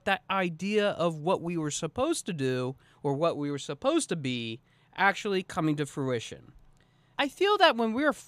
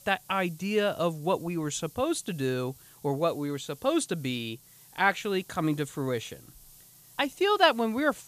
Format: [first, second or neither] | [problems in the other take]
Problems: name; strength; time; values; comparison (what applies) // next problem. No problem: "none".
first | hiss; faint; throughout; 25 dB below the speech